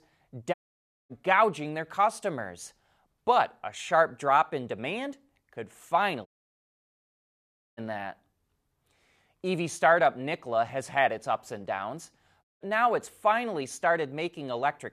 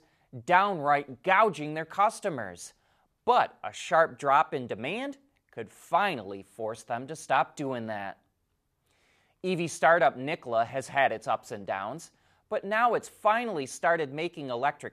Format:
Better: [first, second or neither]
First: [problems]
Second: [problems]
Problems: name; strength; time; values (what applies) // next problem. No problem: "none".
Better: second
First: audio cutting out; at 0.5 s for 0.5 s, at 6.5 s for 1.5 s and at 12 s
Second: none